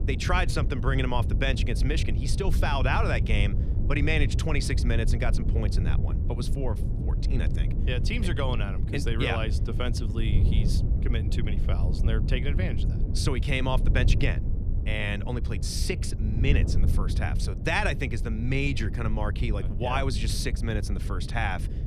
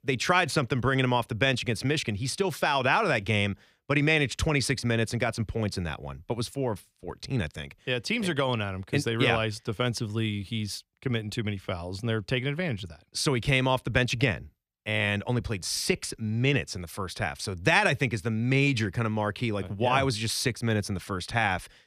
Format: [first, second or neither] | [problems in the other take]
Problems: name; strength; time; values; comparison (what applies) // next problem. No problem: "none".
second | wind noise on the microphone; occasional gusts; 10 dB below the speech